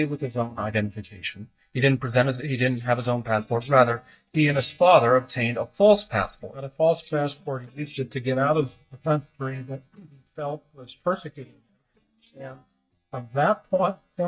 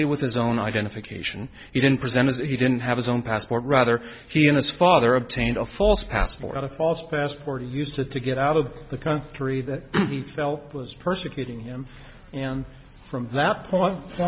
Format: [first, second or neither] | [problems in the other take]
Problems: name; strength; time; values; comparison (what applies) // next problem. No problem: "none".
second | noise reduction (neural mask model DeepFilterNet 3)